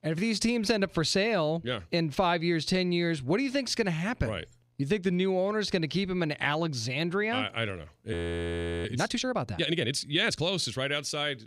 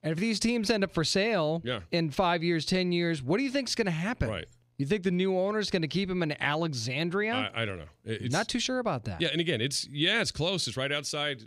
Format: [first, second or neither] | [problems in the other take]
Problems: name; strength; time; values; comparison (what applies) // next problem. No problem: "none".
second | audio freezing; at 8 s for 0.5 s